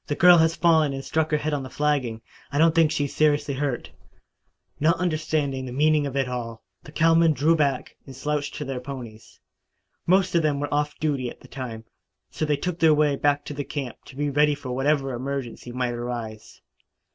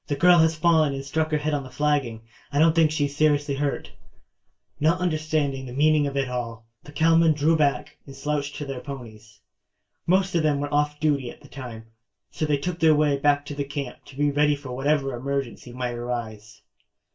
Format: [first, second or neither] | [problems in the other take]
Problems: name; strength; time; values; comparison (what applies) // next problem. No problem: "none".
first | room echo; dies away in 0.2 s